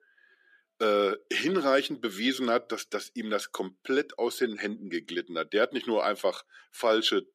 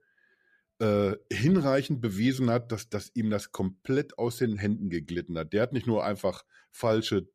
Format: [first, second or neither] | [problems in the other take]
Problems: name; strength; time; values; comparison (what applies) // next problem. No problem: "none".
second | thin; somewhat; fading below 300 Hz